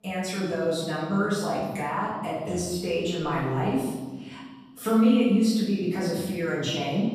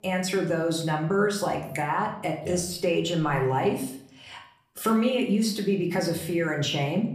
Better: second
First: room echo; strong; dies away in 1.4 s // off-mic speech; far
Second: room echo; slight; dies away in 0.5 s // off-mic speech; somewhat distant

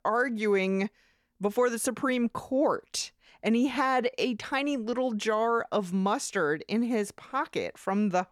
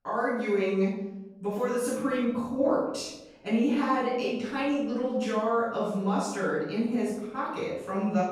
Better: first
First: none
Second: off-mic speech; far // room echo; strong; dies away in 0.9 s

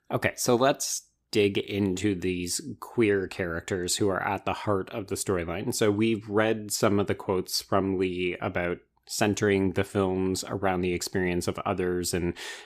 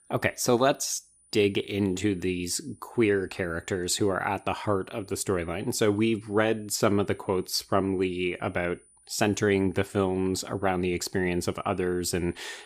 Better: first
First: none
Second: high-pitched whine; faint; throughout; 9.5 kHz, 30 dB below the speech

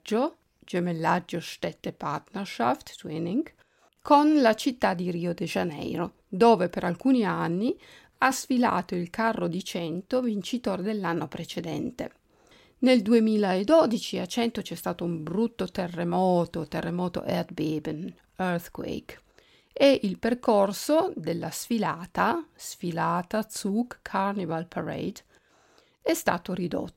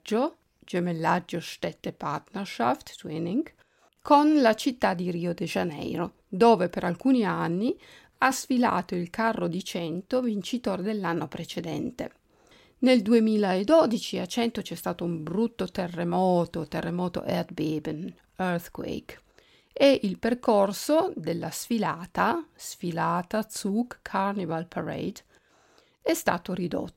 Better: neither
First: none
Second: none

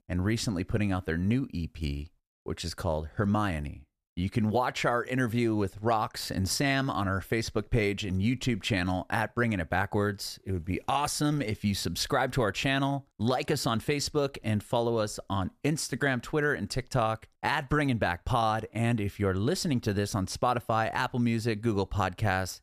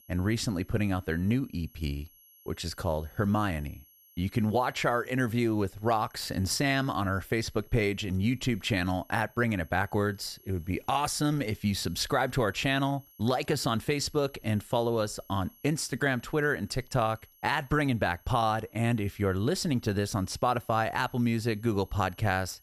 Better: first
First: none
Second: high-pitched whine; faint; throughout; 11.5 kHz, 30 dB below the speech

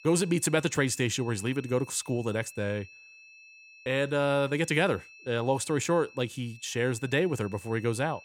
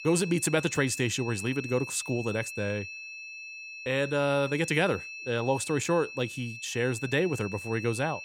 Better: first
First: high-pitched whine; faint; throughout; 2.5 kHz, 20 dB below the speech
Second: high-pitched whine; loud; throughout; 2.5 kHz, 10 dB below the speech

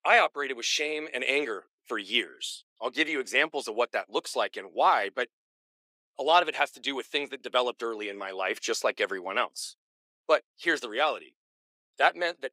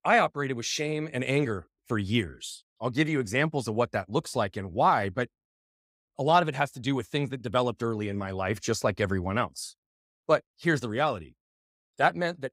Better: second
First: thin; very; fading below 350 Hz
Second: none

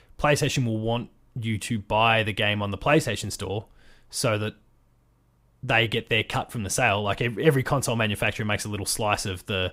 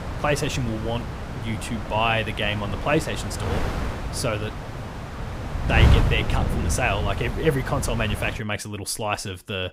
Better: first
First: none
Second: wind noise on the microphone; heavy; until 8.5 s; 7 dB below the speech

